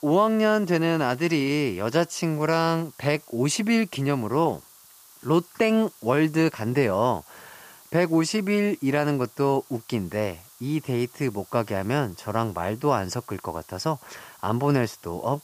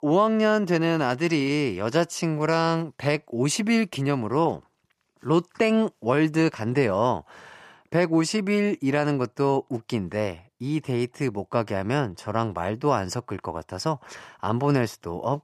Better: second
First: hiss; faint; throughout; 25 dB below the speech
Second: none

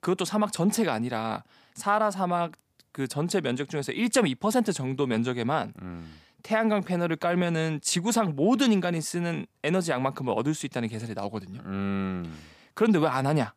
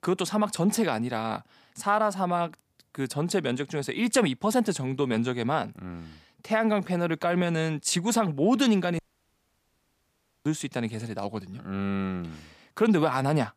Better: first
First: none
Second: audio cutting out; at 9 s for 1.5 s

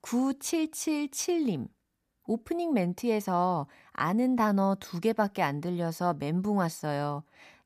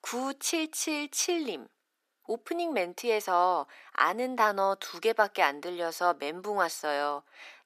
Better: first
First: none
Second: thin; very; fading below 350 Hz

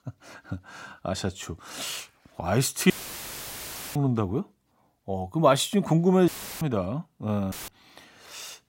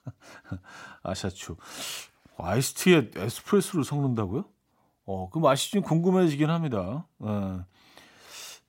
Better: second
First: audio cutting out; filled with static; at 3 s for 1 s, at 6.5 s and at 7.5 s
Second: none

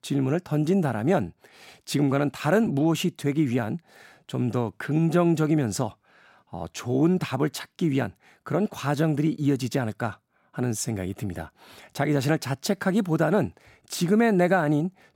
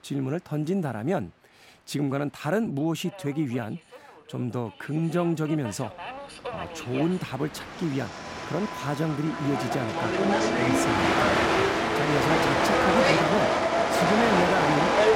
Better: first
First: none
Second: train or aircraft noise; very loud; throughout; 5 dB above the speech

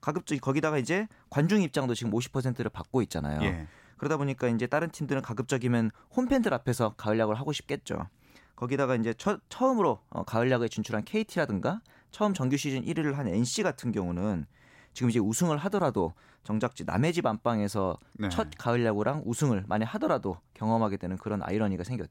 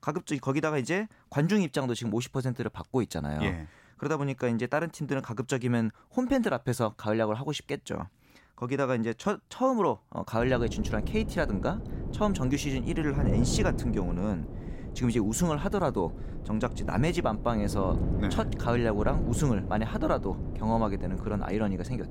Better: first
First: none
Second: wind noise on the microphone; occasional gusts; from 10 s on; 10 dB below the speech

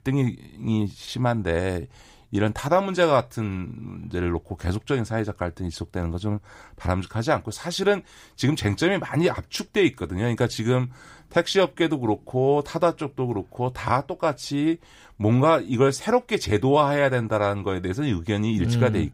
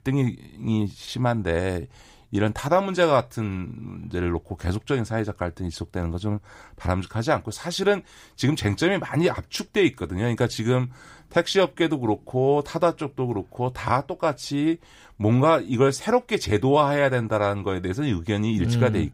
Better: neither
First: none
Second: none

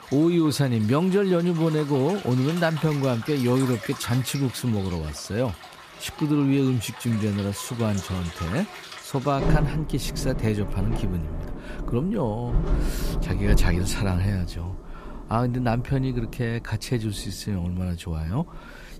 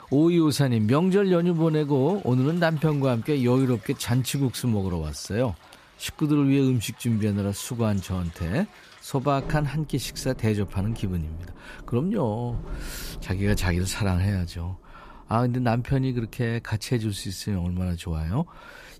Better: second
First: rain or running water; loud; throughout; 9 dB below the speech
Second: rain or running water; faint; throughout; 20 dB below the speech

